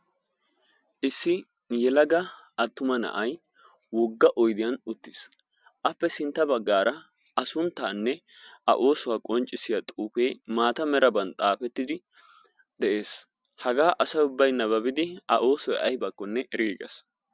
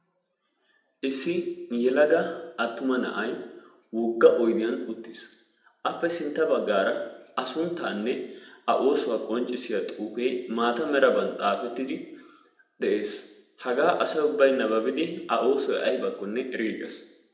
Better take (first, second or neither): first